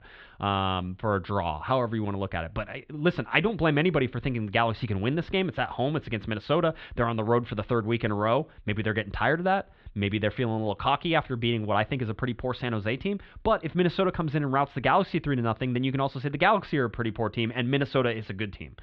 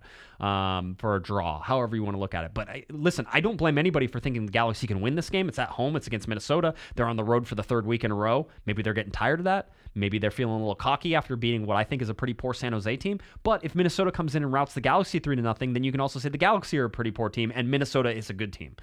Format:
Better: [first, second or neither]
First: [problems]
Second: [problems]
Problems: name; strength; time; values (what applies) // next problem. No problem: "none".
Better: second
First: muffled; slightly; fading above 3.5 kHz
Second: none